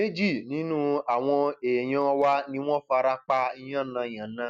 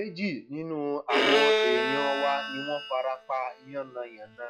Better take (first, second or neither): first